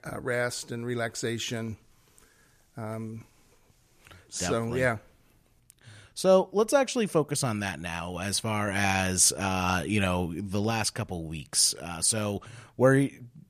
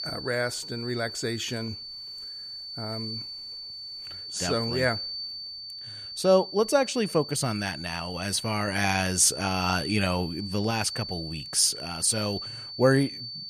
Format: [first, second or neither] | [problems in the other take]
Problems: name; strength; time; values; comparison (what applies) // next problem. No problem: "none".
first | high-pitched whine; loud; throughout; 4.5 kHz, 9 dB below the speech